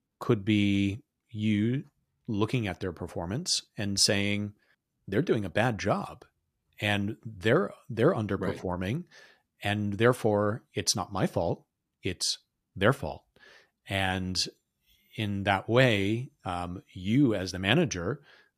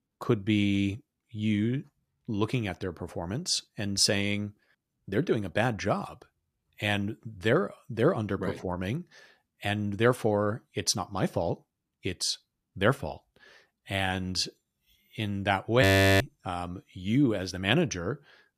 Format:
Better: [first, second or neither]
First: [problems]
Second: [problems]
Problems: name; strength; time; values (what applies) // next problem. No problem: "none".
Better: first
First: none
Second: audio freezing; at 16 s